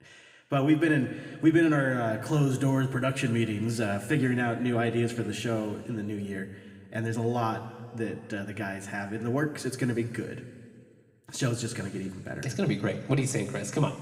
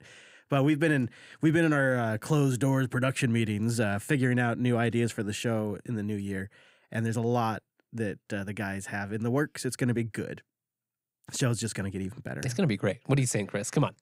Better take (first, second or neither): second